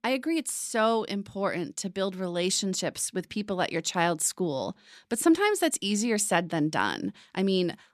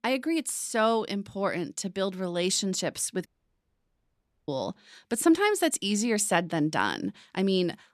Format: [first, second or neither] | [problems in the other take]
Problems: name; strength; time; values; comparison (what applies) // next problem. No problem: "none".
first | audio cutting out; at 3.5 s for 1 s